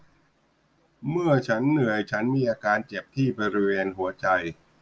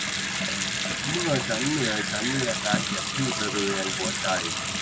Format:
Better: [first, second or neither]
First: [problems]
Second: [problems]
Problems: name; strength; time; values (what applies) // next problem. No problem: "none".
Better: first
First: none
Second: background sound (Bathtub (filling or washing) / Sink (filling or washing) / Water tap, faucet); 2 dB above the speech